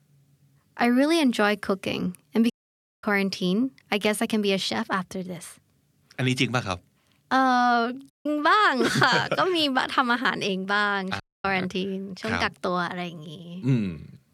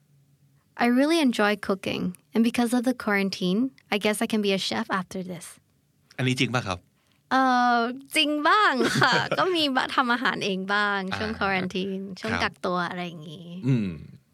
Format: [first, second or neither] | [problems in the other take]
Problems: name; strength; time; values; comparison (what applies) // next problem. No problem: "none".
second | audio cutting out; at 2.5 s for 0.5 s, at 8 s and at 11 s